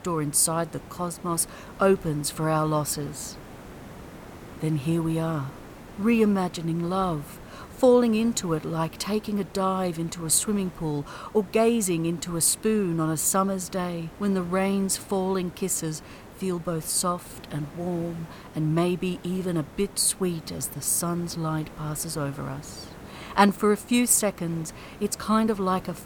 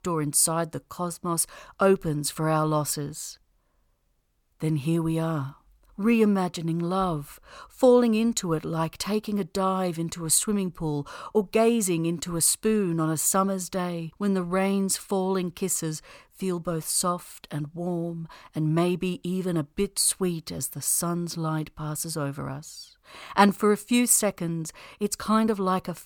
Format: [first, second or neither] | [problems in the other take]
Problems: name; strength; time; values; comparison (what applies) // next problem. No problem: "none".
second | hiss; noticeable; throughout; 20 dB below the speech